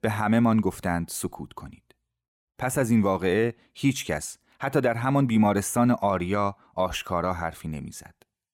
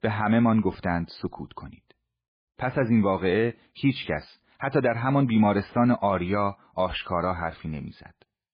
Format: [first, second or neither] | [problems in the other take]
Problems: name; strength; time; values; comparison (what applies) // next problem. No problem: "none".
first | garbled, watery; badly; nothing above 4 kHz